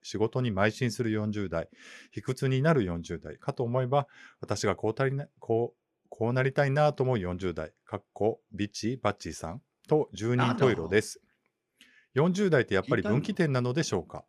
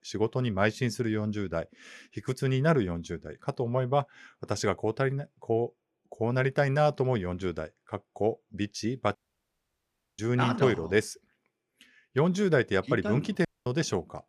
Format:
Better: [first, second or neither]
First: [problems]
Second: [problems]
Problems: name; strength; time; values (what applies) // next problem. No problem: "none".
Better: first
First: none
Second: audio cutting out; at 9 s for 1 s and at 13 s